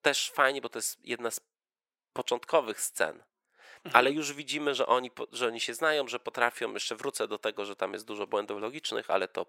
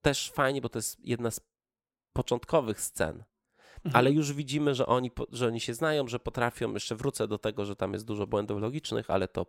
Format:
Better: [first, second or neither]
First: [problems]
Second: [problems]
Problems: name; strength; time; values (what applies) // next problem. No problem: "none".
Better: second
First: thin; somewhat; fading below 450 Hz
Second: none